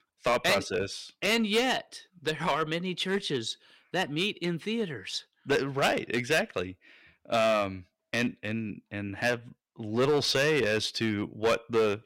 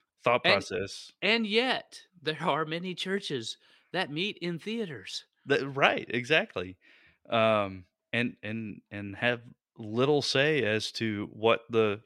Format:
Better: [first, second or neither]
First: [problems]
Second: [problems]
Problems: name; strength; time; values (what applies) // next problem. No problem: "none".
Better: second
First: distortion; heavy; 5% of the sound clipped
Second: none